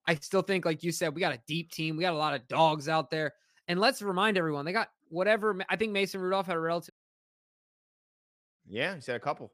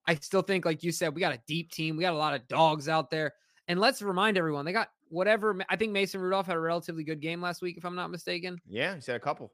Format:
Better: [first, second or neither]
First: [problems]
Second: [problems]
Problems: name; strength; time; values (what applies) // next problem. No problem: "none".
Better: second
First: audio cutting out; at 7 s for 1.5 s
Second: none